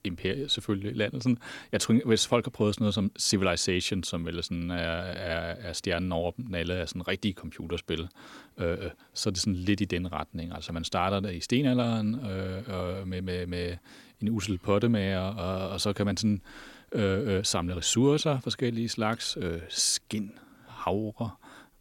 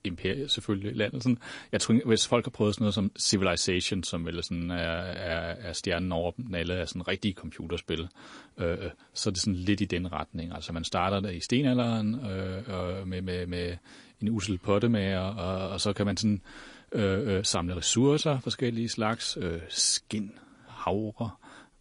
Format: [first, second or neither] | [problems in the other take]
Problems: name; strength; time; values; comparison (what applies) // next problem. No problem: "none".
first | garbled, watery; slightly; nothing above 10.5 kHz